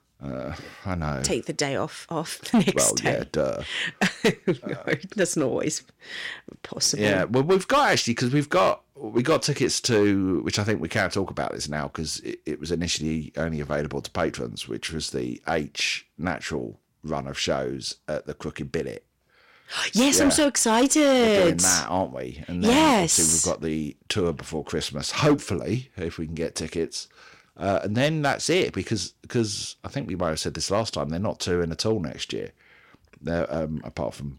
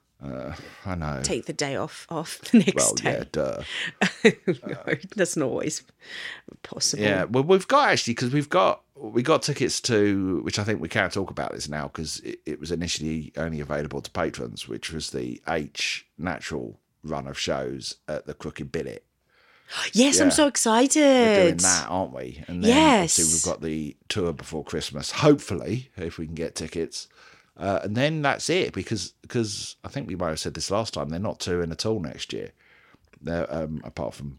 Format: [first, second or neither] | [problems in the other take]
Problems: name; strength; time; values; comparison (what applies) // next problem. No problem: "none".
second | distortion; slight; 3% of the sound clipped